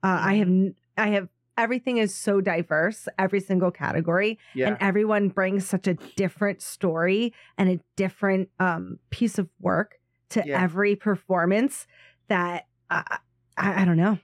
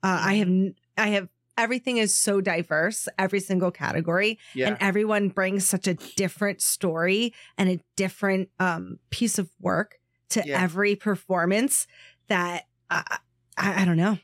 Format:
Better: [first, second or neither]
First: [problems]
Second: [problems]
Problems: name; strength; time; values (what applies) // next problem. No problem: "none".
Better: second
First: muffled; slightly; fading above 3 kHz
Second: none